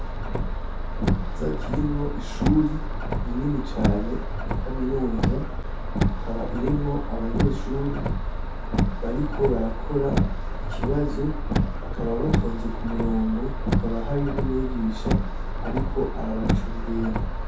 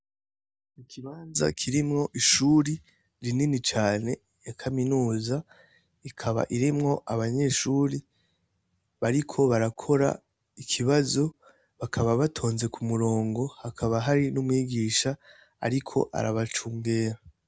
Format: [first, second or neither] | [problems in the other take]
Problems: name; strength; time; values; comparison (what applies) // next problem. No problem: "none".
second | background sound (Car); 3 dB above the speech // room echo; dies away in 0.5 s